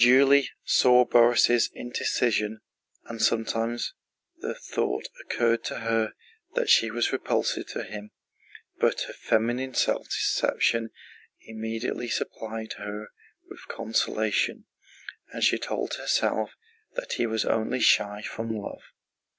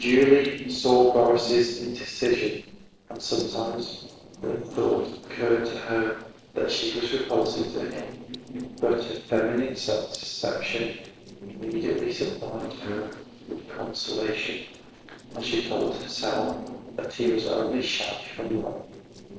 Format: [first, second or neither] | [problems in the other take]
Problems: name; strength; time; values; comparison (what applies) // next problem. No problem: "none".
first | noise reduction (neural separator model SepFormer DNS4)